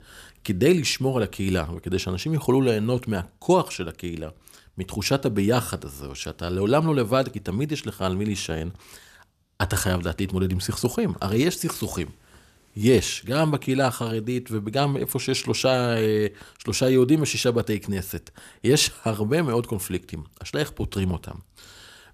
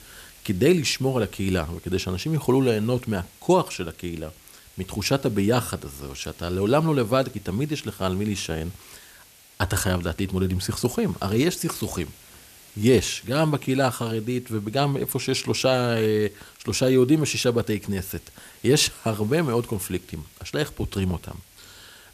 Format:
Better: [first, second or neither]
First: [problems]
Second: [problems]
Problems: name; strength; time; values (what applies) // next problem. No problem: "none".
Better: first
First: none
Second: hiss; faint; throughout; 25 dB below the speech